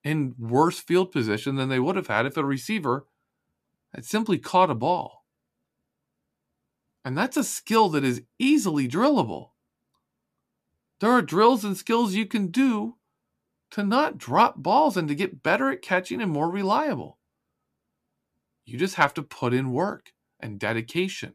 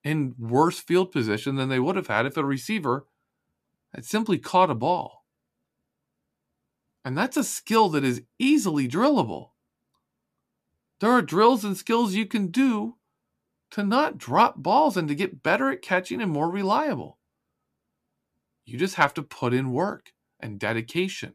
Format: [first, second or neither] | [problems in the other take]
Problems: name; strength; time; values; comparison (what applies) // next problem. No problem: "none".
neither | none